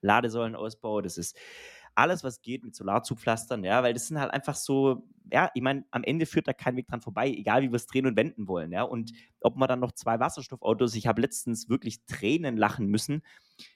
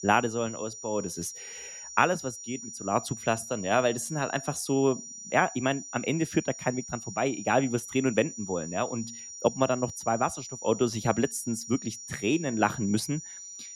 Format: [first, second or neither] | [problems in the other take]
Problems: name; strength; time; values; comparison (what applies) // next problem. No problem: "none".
first | high-pitched whine; noticeable; throughout; 5.5 kHz, 10 dB below the speech